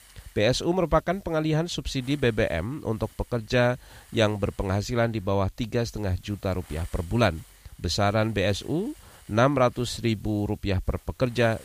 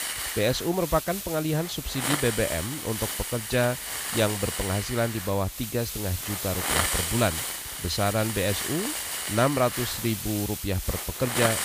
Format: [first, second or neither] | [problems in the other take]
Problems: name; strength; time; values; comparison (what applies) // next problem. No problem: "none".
first | hiss; loud; throughout; 2 dB below the speech; faint in the first